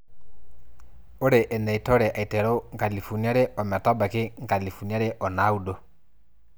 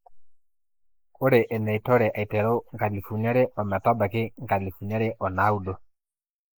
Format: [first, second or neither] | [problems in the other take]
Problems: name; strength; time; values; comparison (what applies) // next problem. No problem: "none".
first | noise reduction (neural mask model Resemble Enhance denoiser)